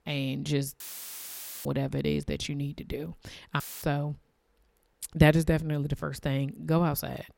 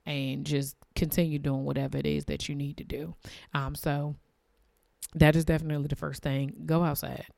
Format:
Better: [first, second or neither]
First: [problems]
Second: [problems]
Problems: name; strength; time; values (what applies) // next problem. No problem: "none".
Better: second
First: audio cutting out; filled with static; at 1 s for 1 s and at 3.5 s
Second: none